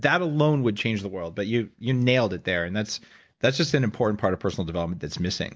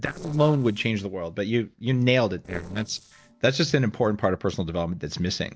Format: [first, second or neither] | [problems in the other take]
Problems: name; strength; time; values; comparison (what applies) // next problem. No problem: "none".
first | noise reduction (neural separator model SepFormer DNS4)